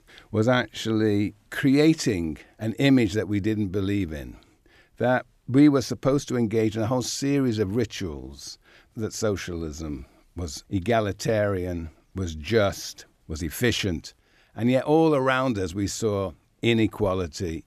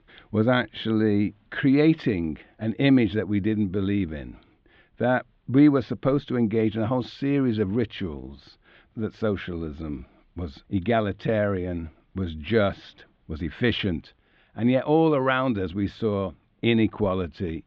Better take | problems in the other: first | muffled; very; fading above 3.5 kHz

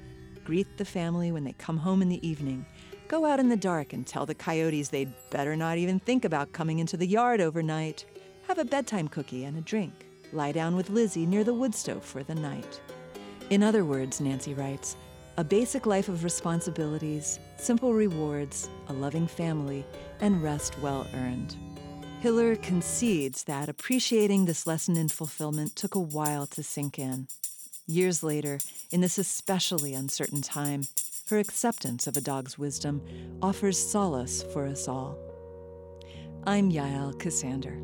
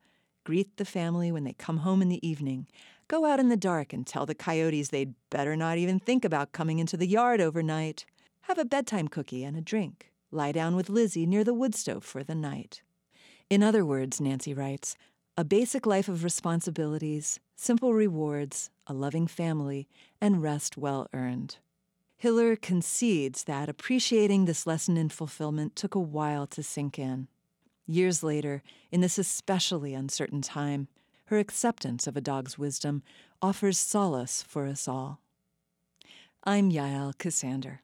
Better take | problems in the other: second | background music; noticeable; throughout; 10 dB below the speech

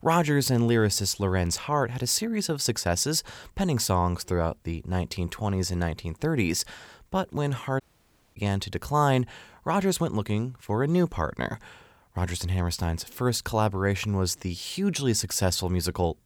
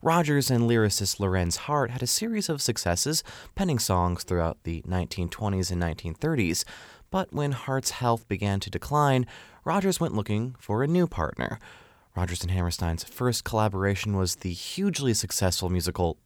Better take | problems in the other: second | audio cutting out; at 8 s for 0.5 s

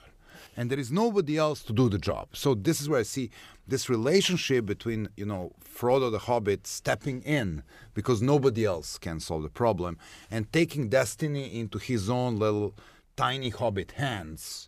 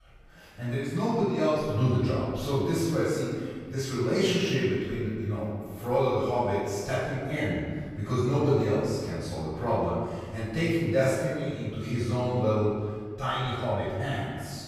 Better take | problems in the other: first | off-mic speech; far // room echo; strong; dies away in 1.6 s

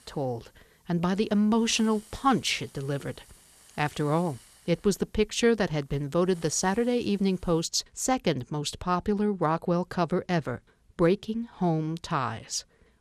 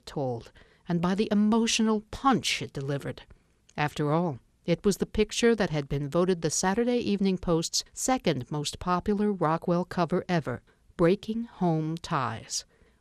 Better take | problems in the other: second | hiss; faint; until 7.5 s; 25 dB below the speech

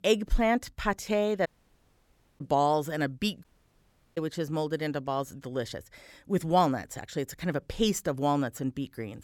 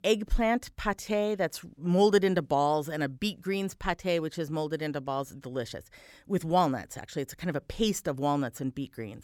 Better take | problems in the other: second | audio cutting out; at 1.5 s for 1 s and at 3.5 s for 0.5 s

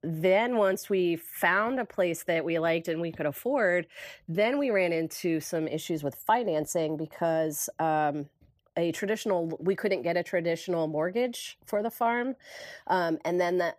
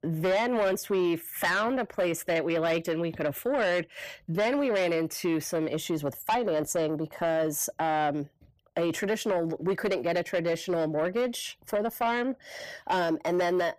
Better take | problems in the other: first | distortion; slight; 10 dB below the speech

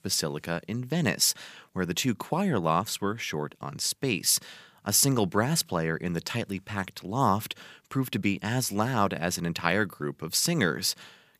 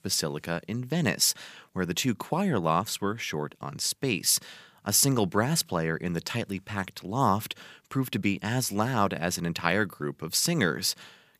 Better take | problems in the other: neither | none

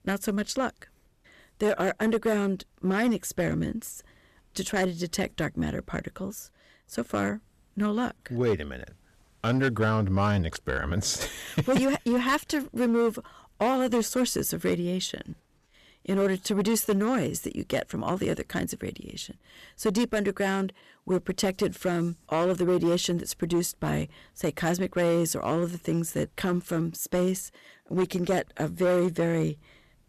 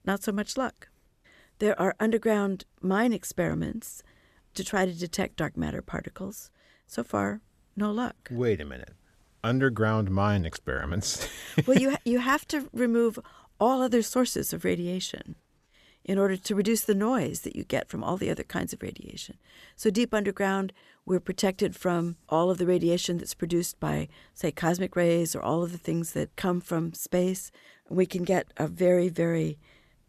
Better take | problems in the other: second | distortion; slight; 6% of the sound clipped

